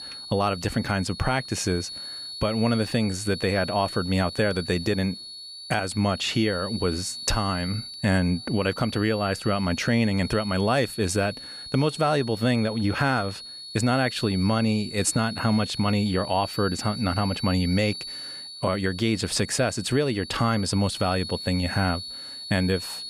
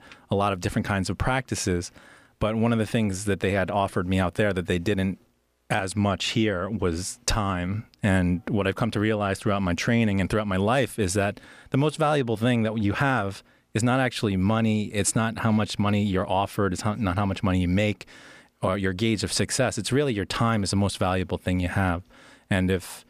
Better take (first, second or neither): second